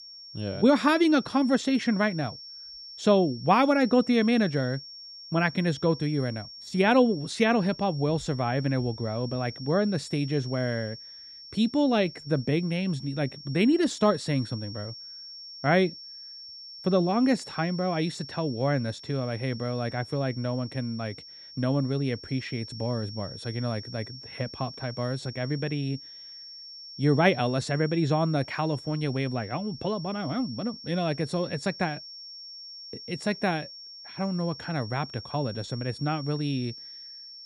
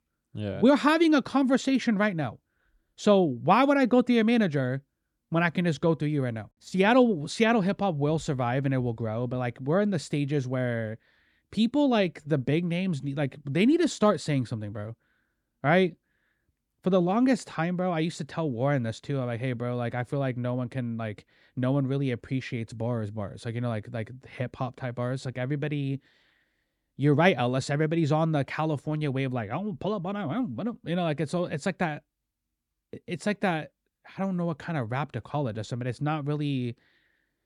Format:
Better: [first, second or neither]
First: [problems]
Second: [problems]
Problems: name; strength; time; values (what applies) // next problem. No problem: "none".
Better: second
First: high-pitched whine; noticeable; throughout; 5.5 kHz, 15 dB below the speech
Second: none